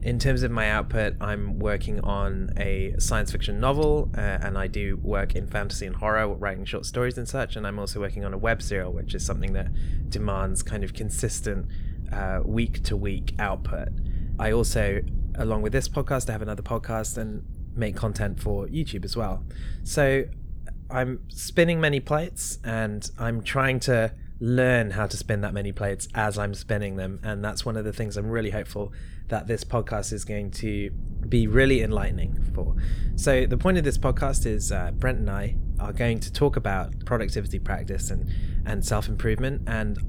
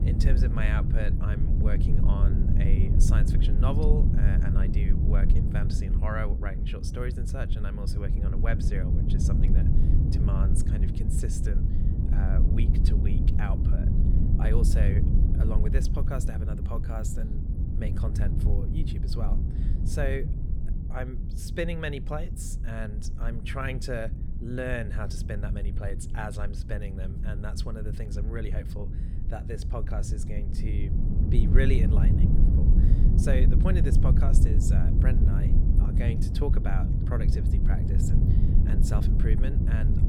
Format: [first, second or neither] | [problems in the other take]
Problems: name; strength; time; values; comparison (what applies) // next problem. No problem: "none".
first | low rumble; loud; throughout; 2 dB below the speech; faint in the first